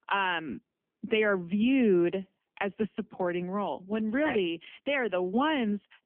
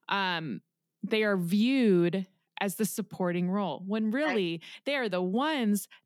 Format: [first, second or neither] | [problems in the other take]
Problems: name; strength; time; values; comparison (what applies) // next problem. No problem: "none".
second | phone-call audio; poor line; nothing above 3 kHz